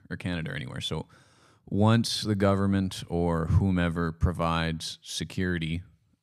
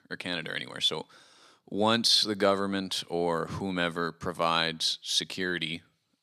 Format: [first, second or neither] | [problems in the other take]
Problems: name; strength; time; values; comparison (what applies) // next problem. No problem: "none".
first | thin; somewhat; fading below 300 Hz